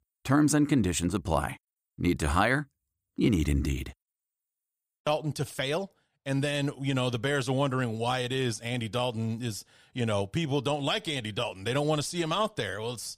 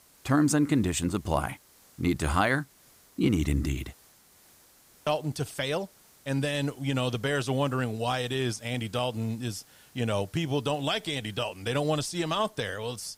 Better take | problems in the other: first | hiss; faint; throughout; 25 dB below the speech

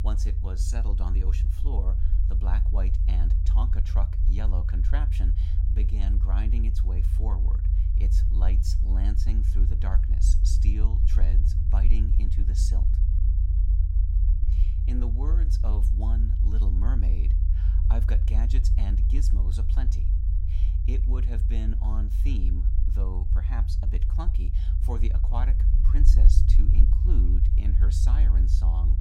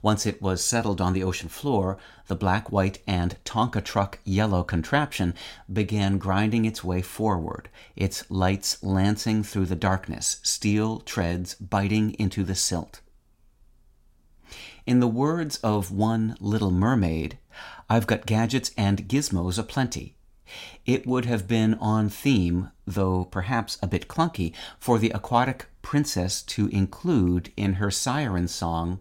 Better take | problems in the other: second | low rumble; loud; throughout; 2 dB below the speech

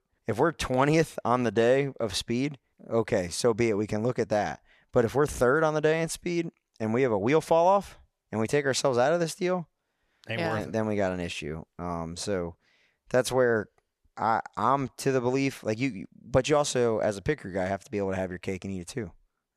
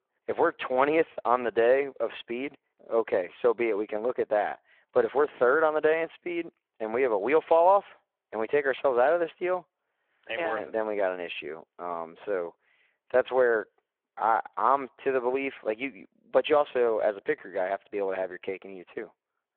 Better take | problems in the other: first | phone-call audio

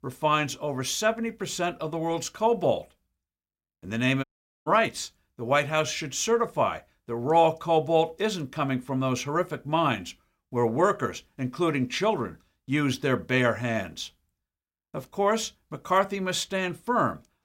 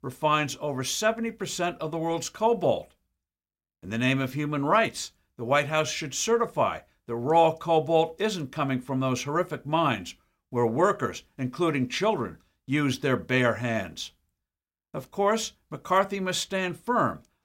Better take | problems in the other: second | audio cutting out; at 4 s

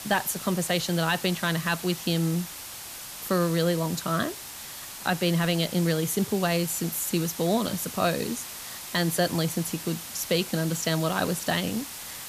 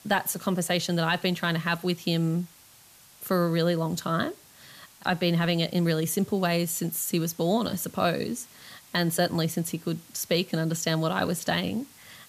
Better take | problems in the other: second | hiss; loud; throughout; 9 dB below the speech; faint in the second

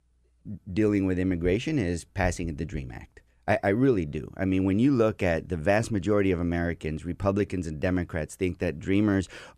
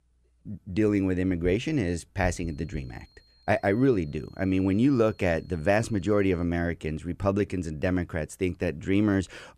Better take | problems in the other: first | high-pitched whine; faint; from 2 to 6.5 s; 4 kHz, 35 dB below the speech

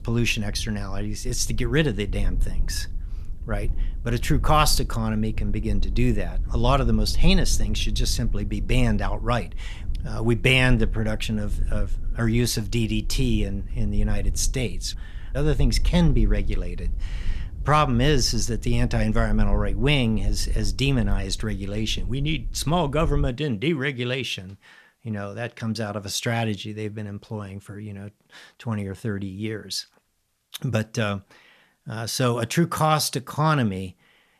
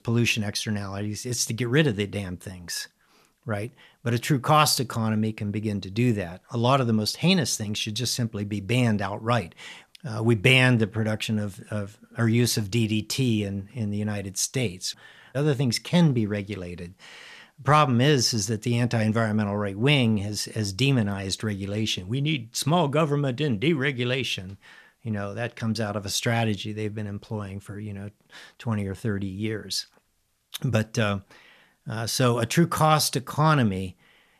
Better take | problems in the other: second | low rumble; faint; until 23 s; 25 dB below the speech

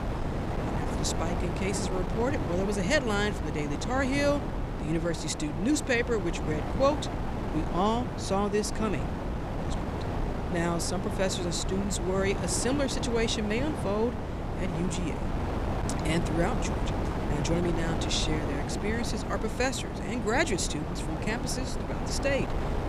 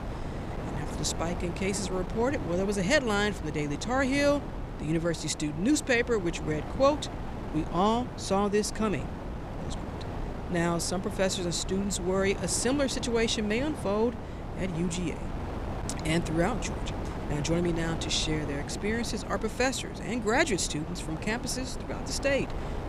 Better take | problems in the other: second | wind noise on the microphone; heavy; 5 dB below the speech; occasional gusts in the second

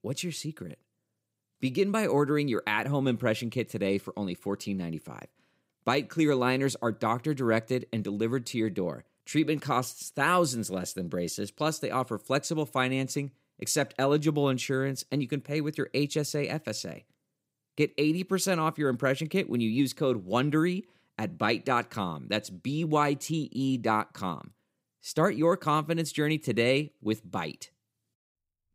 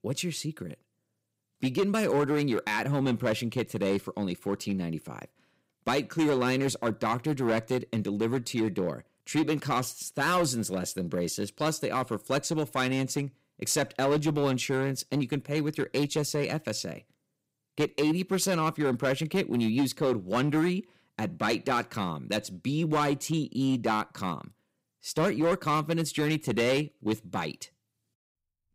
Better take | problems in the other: first | distortion; slight; 6% of the sound clipped

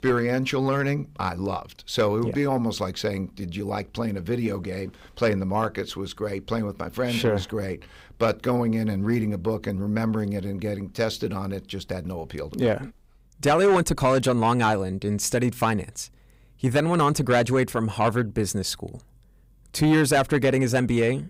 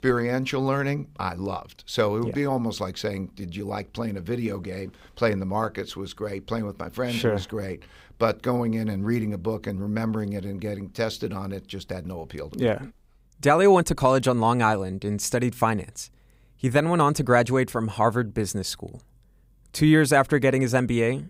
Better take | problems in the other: second | distortion; slight; 10 dB below the speech

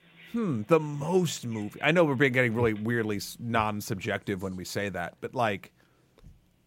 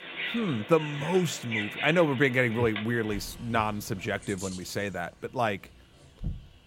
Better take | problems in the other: first | animal sounds; loud; throughout; 9 dB below the speech; faint in the first

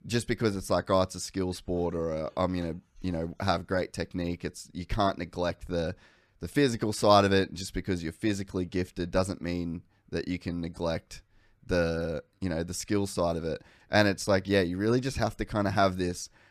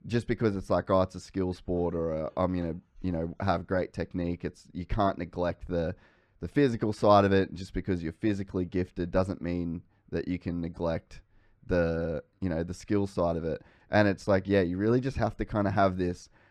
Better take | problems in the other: first | muffled; slightly; fading above 1.5 kHz

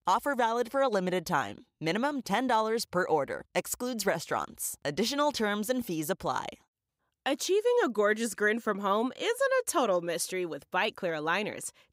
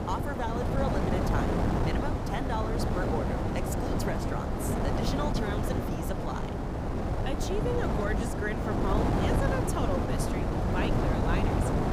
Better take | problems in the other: first | wind noise on the microphone; heavy; 3 dB above the speech

